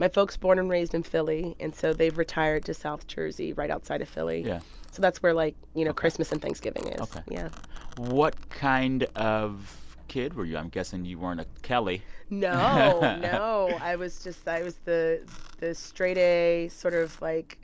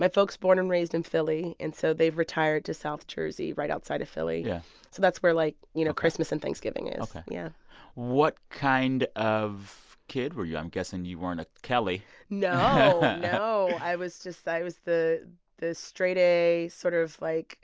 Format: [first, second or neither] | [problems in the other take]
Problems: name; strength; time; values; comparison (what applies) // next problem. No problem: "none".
second | background sound (Domestic sounds, home sounds); 14 dB below the speech